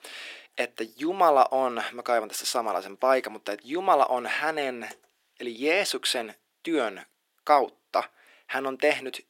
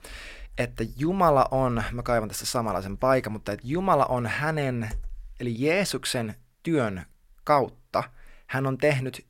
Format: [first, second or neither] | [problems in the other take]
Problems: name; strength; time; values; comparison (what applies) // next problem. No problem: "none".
second | thin; somewhat; fading below 300 Hz